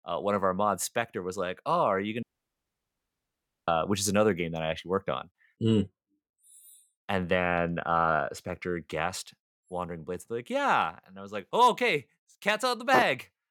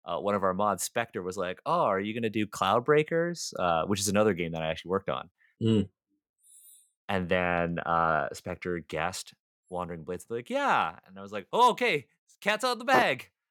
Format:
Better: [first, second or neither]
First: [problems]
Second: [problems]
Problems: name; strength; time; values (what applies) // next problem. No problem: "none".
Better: second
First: audio cutting out; at 2 s for 1.5 s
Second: none